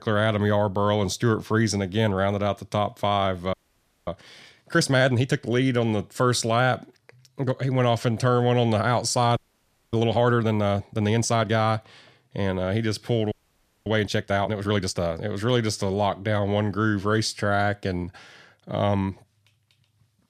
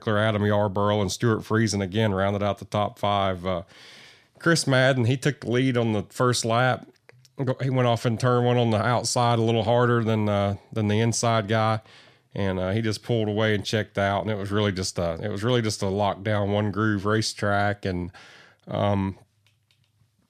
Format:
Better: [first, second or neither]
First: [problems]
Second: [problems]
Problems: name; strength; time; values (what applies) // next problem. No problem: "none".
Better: second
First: audio freezing; at 3.5 s for 0.5 s, at 9.5 s for 0.5 s and at 13 s for 0.5 s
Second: none